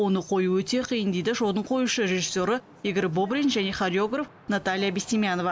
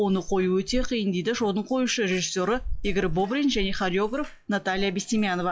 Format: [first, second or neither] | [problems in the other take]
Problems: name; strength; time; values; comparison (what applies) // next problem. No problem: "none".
first | noise reduction (classical method log-MMSE)